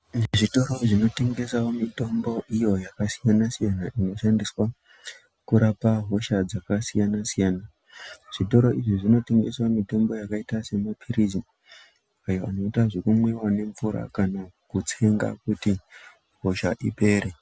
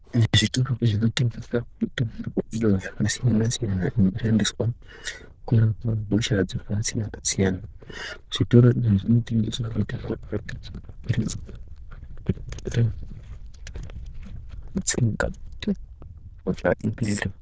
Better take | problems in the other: first | noise reduction (neural diffusion model UNIVERSE++)

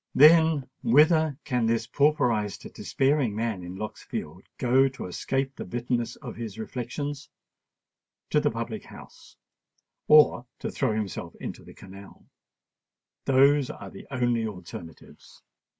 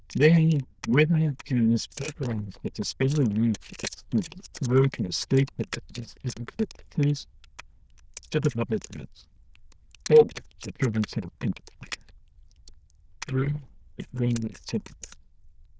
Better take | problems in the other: first | noise reduction (neural diffusion model UNIVERSE++)

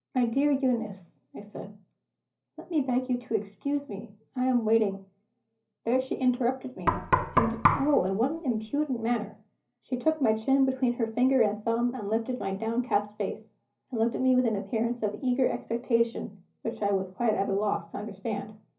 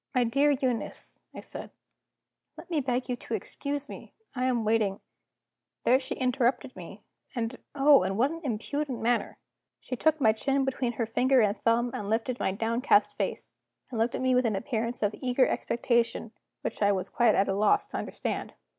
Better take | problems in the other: second | background sound (Knock); as loud as the speech // room echo; dies away in 0.5 s

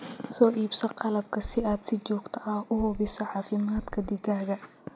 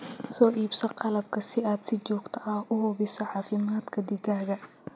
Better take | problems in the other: second | background sound (Run); 12 dB below the speech

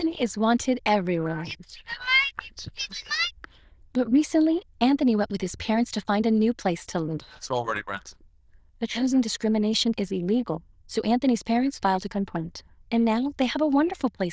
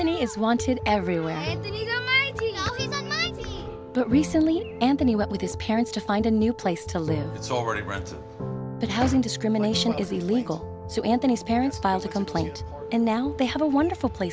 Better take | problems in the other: second | noise reduction (neural diffusion model UNIVERSE++)

